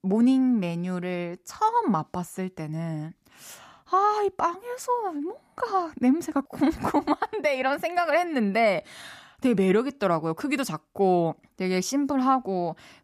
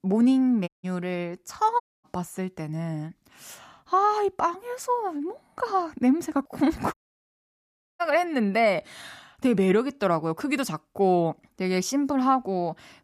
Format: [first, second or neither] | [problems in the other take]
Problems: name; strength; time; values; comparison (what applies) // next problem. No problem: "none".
first | audio cutting out; at 0.5 s, at 2 s and at 7 s for 1 s